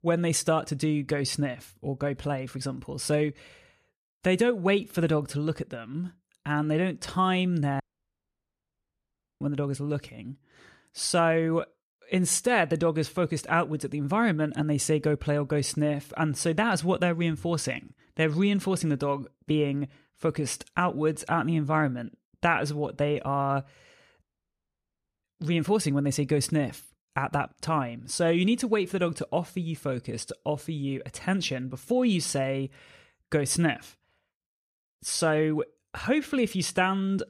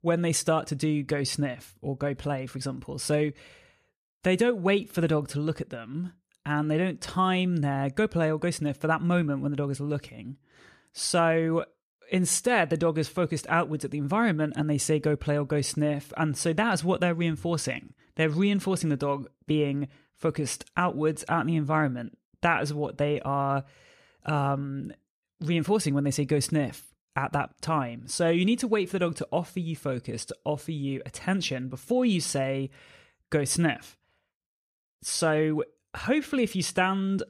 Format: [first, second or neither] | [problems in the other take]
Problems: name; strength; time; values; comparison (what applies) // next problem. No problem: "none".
second | audio cutting out; at 8 s for 1.5 s and at 24 s for 1 s